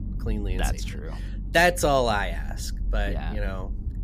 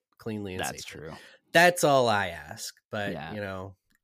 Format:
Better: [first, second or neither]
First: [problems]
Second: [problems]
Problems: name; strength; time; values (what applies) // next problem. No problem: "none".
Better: second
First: low rumble; faint; throughout; 25 dB below the speech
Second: none